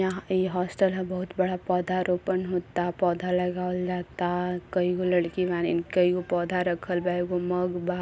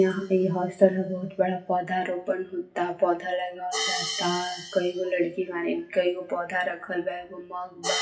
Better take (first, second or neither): first